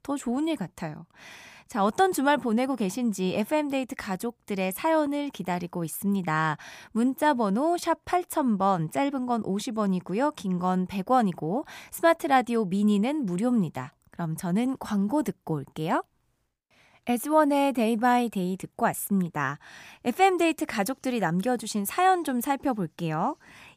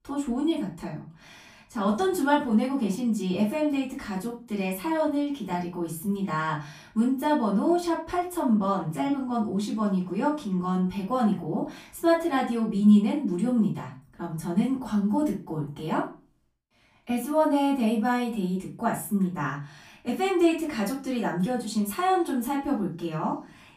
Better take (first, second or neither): first